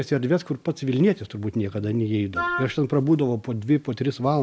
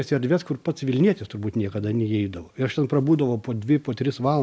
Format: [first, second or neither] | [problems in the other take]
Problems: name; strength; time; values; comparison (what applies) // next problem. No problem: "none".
second | background sound (Wind instrument, woodwind instrument); 6 dB below the speech